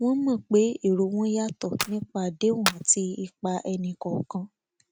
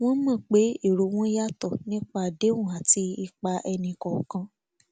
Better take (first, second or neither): second